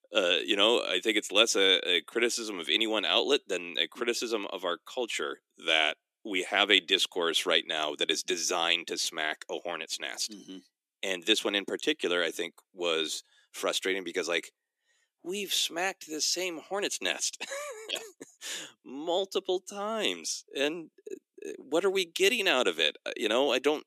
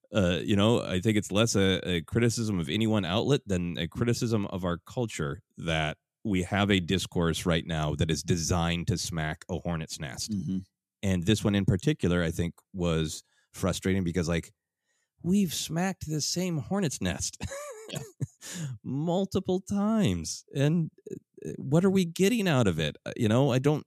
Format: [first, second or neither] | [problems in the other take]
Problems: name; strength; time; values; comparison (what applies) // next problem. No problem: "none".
second | thin; very; fading below 300 Hz